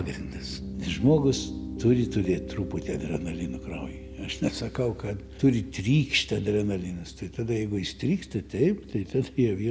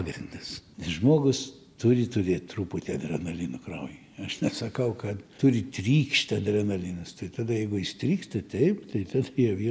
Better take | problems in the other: second | background sound (Piano); 12 dB below the speech

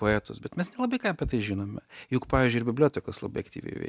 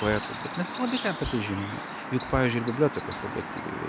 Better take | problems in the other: first | background sound (Chirp, tweet); 7 dB below the speech

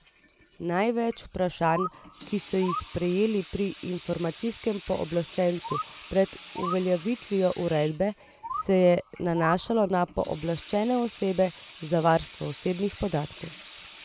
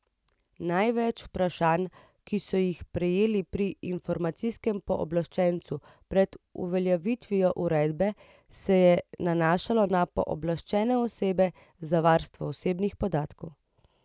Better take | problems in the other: second | background sound (Bird + Sink (filling or washing) / Water tap, faucet); 14 dB below the speech

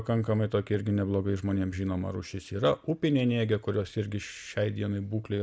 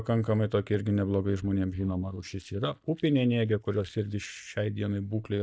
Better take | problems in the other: first | noise reduction (neural mask model DeepFilterNet 3)

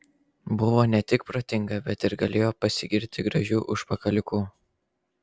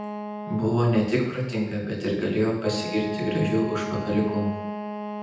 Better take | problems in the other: first | background sound (Wind instrument, woodwind instrument); 9 dB below the speech // room echo; dies away in 0.9 s

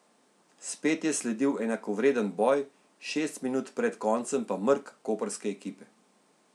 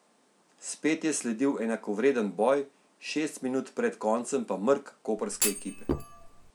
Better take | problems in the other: first | background sound (Thump, thud); 4 dB below the speech

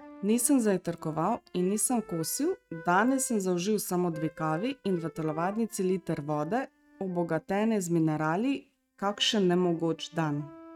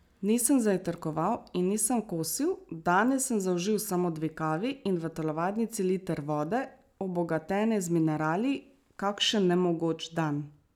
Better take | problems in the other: second | noise reduction (neural mask model RNNoise)

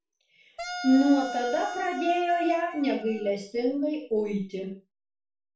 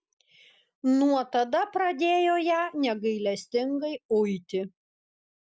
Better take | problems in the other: second | background sound (Wind instrument, woodwind instrument); 10 dB below the speech // room echo; dies away in 0.3 s

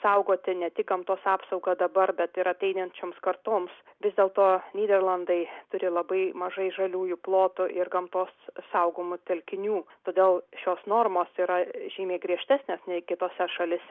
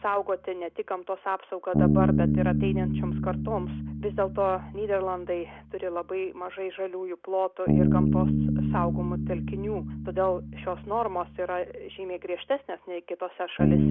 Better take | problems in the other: first | background sound (Bass guitar); 3 dB above the speech

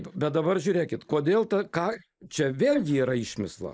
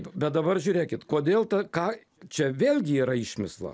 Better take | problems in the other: second | noise reduction (neural mask model Resemble Enhance denoiser)

